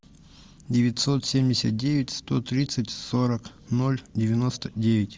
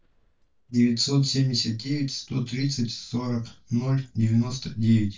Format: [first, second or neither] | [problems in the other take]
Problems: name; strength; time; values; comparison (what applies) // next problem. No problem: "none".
first | noise reduction (neural mask model DeepFilterNet 3)